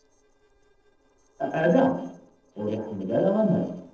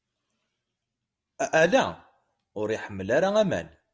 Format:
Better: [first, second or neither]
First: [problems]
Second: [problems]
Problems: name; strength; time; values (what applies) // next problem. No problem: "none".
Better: second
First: noise reduction (neural separator model SepFormer DNS4)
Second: none